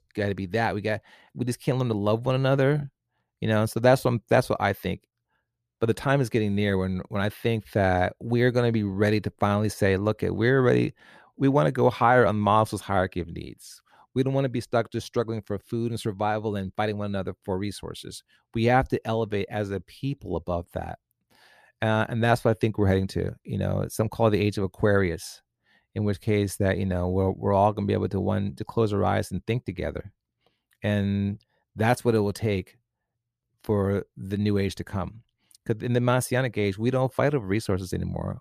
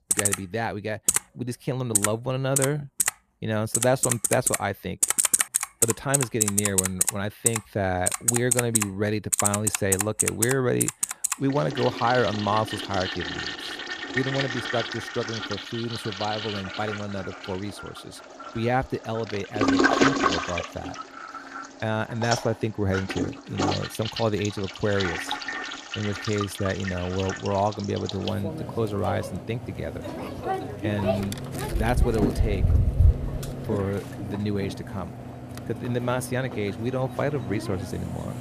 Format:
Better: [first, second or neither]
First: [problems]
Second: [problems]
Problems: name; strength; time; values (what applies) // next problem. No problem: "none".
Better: first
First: none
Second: household noises; very loud; throughout; 1 dB above the speech